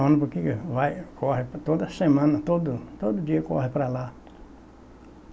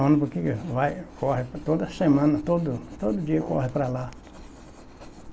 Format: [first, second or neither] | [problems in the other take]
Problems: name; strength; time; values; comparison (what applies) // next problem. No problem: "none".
first | background sound (Writing + Brass instrument); 18 dB below the speech